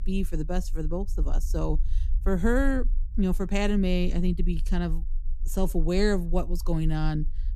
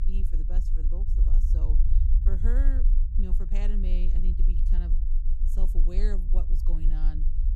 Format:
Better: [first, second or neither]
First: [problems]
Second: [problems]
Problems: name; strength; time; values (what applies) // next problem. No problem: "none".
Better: first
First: low rumble; faint; throughout; 25 dB below the speech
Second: low rumble; loud; throughout; 4 dB below the speech